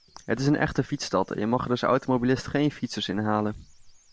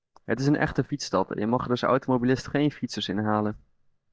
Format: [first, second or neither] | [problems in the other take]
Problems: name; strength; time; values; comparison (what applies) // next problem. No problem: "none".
first | noise reduction (neural mask model DeepFilterNet 3)